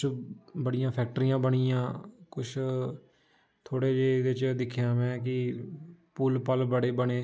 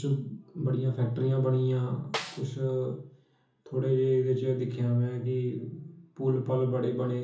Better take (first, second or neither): first